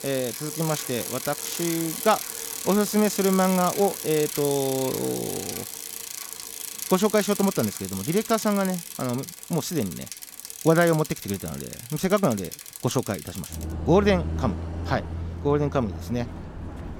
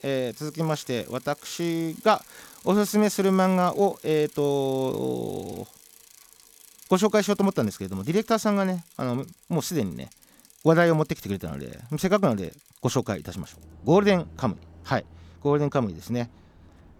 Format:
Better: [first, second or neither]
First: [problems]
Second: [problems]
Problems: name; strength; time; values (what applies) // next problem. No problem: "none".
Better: second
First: traffic noise; loud; throughout; 8 dB below the speech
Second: traffic noise; faint; throughout; 25 dB below the speech